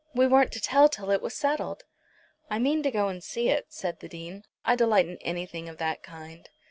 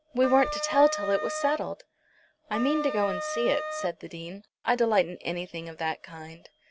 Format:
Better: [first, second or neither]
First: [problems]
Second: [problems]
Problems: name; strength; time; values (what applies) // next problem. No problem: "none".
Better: first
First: none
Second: background sound (Wind instrument, woodwind instrument); 5 dB below the speech